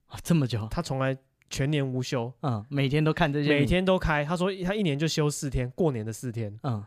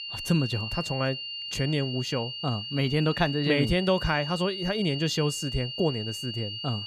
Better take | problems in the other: first | high-pitched whine; loud; throughout; 3 kHz, 6 dB below the speech

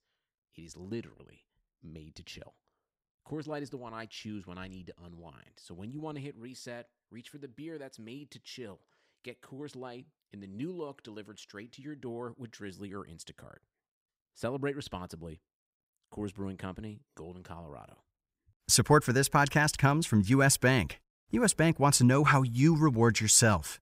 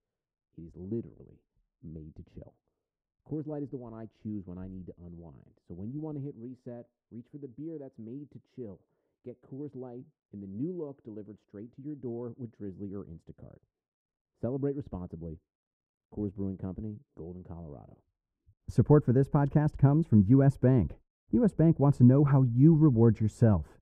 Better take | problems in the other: first | muffled; very; fading above 1.5 kHz

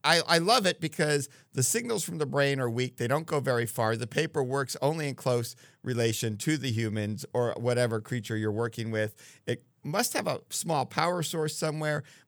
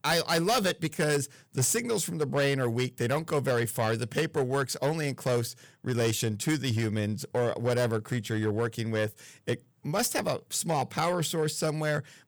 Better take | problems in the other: first | distortion; slight; 7% of the sound clipped

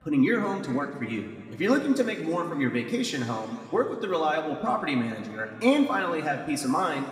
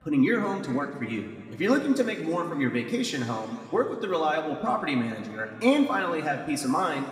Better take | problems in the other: neither | room echo; slight; dies away in 2.1 s; the same in both // off-mic speech; somewhat distant; the same in both

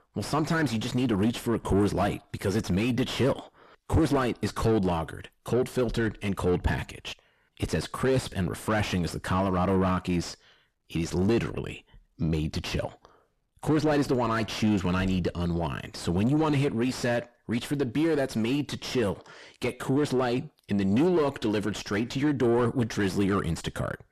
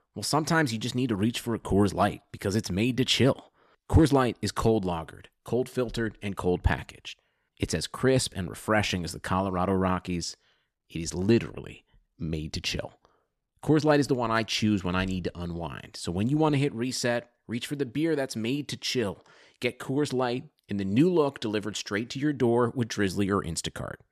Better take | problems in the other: second | distortion; heavy; 6 dB below the speech

